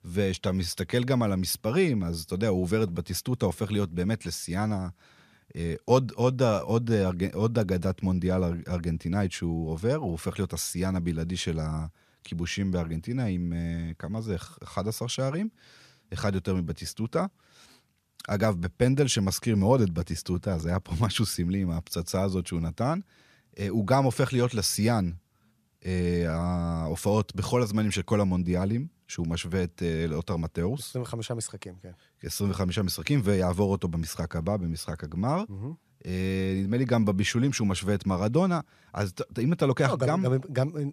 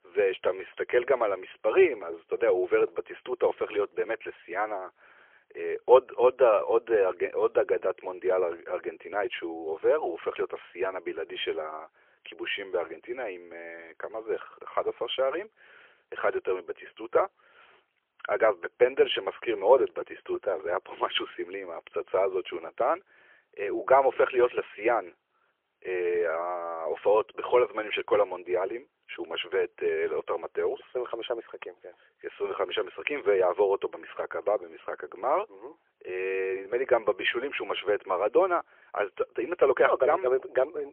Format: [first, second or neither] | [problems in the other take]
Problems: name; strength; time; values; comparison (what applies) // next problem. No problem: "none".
first | phone-call audio; poor line; nothing above 3.5 kHz